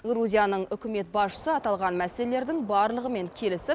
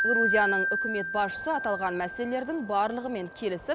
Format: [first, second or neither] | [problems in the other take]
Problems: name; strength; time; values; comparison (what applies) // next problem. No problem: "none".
first | background sound (Wind chime); 2 dB below the speech